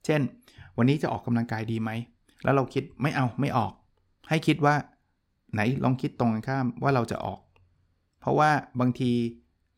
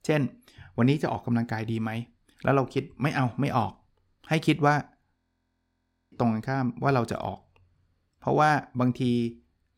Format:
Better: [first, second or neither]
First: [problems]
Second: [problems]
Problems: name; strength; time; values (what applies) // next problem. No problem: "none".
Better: first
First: none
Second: audio freezing; at 5 s for 1 s